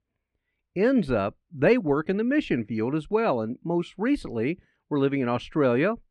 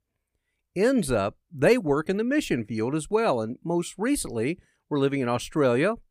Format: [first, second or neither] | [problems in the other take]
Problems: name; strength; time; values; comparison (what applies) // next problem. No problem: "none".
second | muffled; slightly; fading above 2.5 kHz